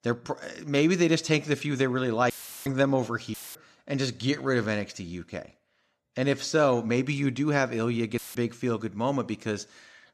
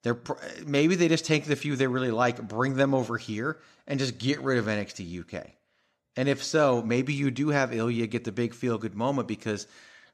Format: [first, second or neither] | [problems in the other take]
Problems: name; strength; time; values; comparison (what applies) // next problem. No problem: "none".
second | audio cutting out; filled with static; at 2.5 s, at 3.5 s and at 8 s